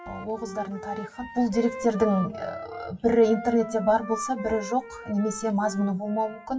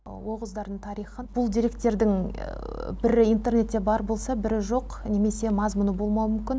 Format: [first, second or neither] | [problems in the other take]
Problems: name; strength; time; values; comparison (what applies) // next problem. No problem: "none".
second | noise reduction (classical method WPE with log-MMSE)